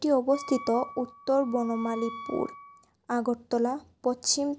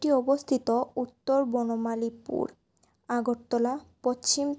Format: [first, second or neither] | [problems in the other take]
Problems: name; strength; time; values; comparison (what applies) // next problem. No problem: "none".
second | background sound (Wind instrument, woodwind instrument); 14 dB below the speech